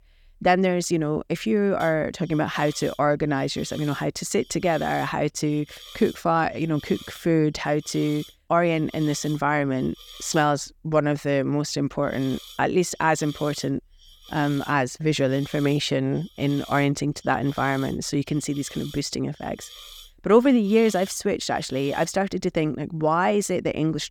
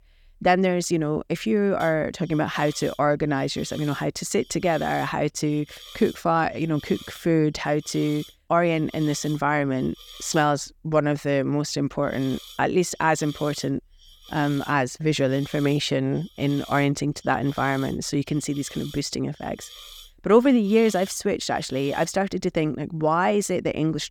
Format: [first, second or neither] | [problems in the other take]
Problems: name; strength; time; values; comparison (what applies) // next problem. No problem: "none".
neither | hiss; noticeable; from 2 to 11 s and from 12 to 22 s; 20 dB below the speech; the same in both